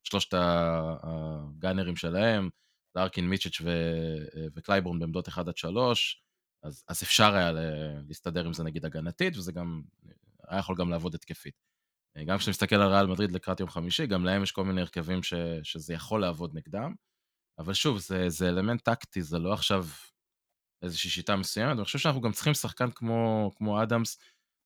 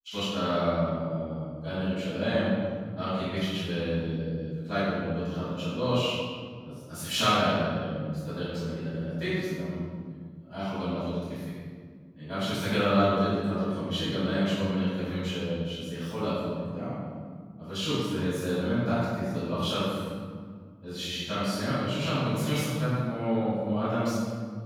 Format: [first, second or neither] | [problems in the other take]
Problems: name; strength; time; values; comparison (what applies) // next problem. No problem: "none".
first | off-mic speech; far // room echo; strong; dies away in 1.9 s